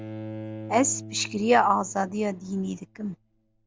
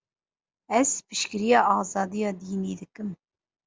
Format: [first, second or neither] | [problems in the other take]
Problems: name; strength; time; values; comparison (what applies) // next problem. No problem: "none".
second | background sound (Bowed string instrument); 14 dB below the speech